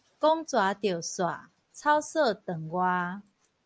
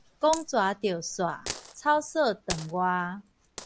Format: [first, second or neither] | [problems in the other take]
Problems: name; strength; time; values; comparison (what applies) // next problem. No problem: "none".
first | background sound (Coin (dropping)); 14 dB below the speech